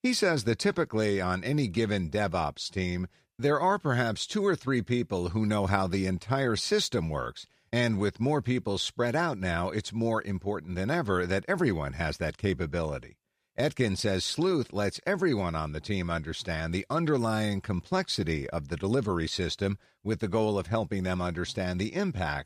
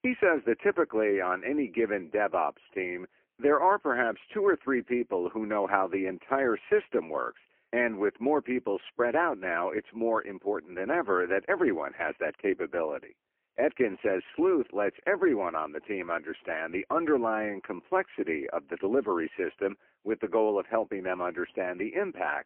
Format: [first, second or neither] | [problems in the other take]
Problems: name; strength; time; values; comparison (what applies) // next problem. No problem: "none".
first | phone-call audio; poor line